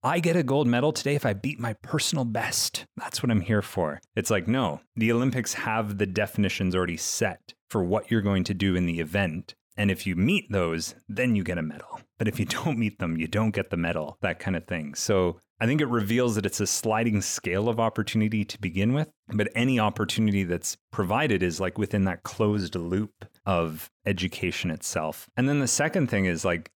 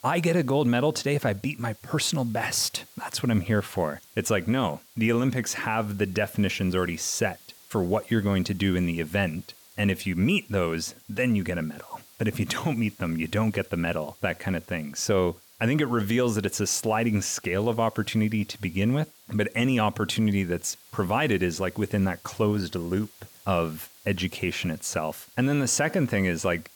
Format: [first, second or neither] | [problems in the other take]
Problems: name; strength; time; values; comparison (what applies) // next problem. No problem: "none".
first | hiss; faint; throughout; 25 dB below the speech